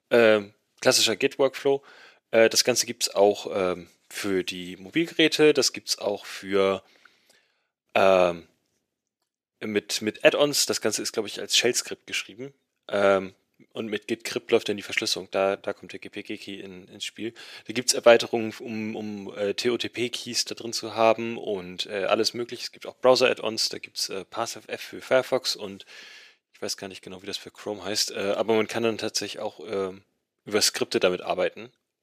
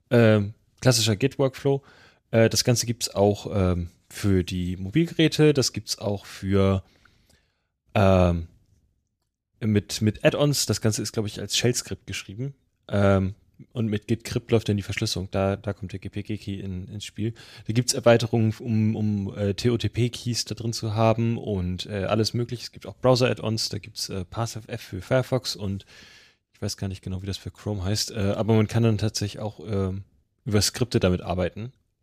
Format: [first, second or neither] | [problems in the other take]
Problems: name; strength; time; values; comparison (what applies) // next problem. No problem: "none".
second | thin; somewhat; fading below 400 Hz